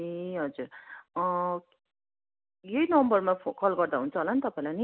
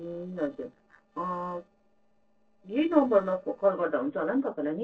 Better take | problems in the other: first | noise reduction (neural separator model SepFormer DNS4)

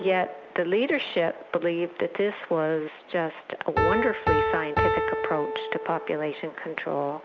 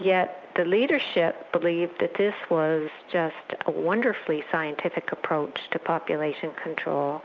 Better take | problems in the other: second | background sound (Piano); 3 dB below the speech

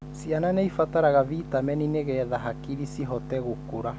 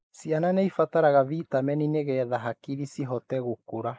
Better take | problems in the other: first | noise reduction (neural mask model Resemble Enhance denoiser)

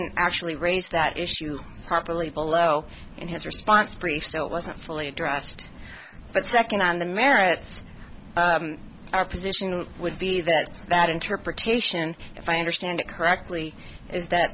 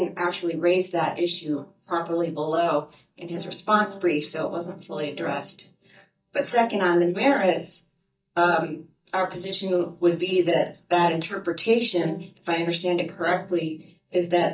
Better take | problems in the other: first | noise reduction (neural mask model DeepFilterNet 3)

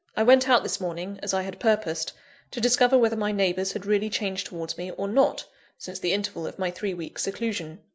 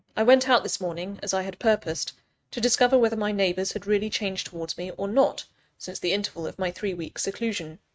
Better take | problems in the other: first | noise reduction (neural mask model RNNoise)

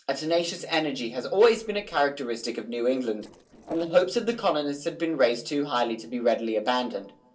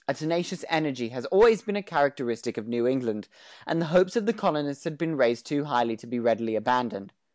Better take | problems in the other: second | noise reduction (neural separator model SepFormer DNS4)

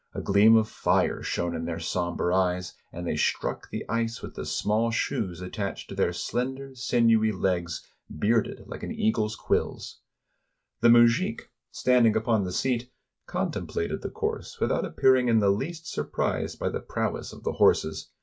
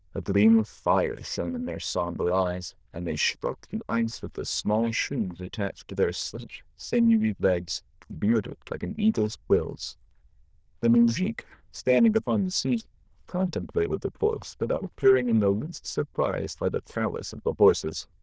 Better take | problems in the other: first | noise reduction (neural diffusion model UNIVERSE++)

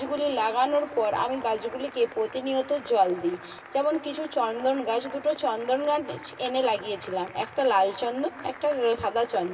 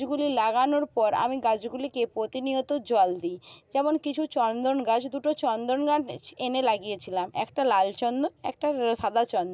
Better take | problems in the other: second | background sound (Applause); 18 dB below the speech // room echo; dies away in 2.9 s

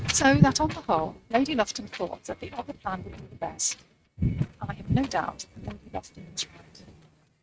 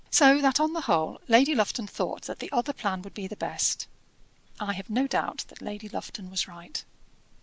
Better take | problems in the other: second | noise reduction (neural mask model RNNoise)

